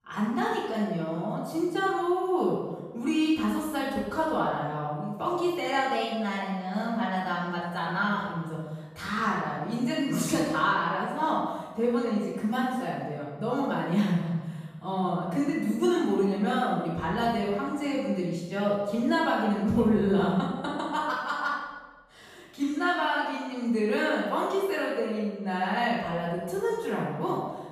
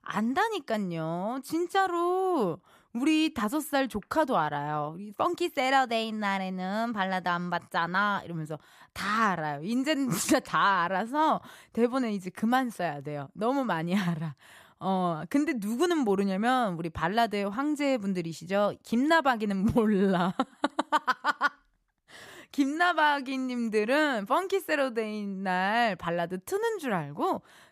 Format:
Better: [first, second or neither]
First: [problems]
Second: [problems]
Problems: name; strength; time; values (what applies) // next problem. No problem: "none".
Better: second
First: room echo; strong; dies away in 1.2 s // off-mic speech; far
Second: none